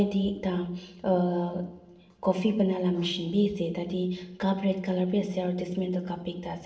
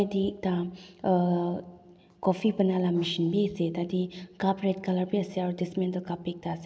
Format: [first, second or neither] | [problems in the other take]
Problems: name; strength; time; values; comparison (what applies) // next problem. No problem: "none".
second | room echo; dies away in 0.6 s